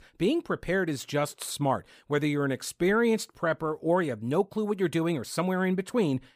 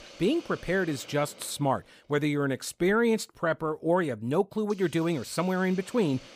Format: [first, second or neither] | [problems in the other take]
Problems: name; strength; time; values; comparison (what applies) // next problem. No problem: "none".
first | hiss; faint; throughout; 20 dB below the speech